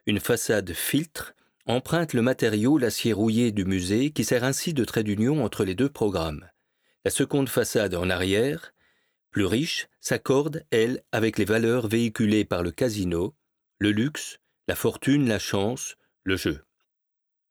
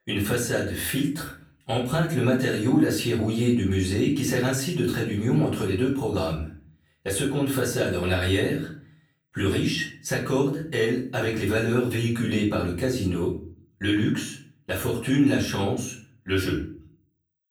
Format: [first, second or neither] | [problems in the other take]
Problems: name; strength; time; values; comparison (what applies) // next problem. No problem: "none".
first | room echo; slight; dies away in 0.4 s // off-mic speech; far